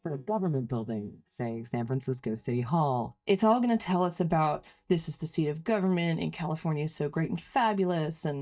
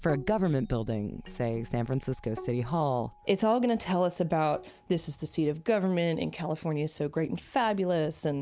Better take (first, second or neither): second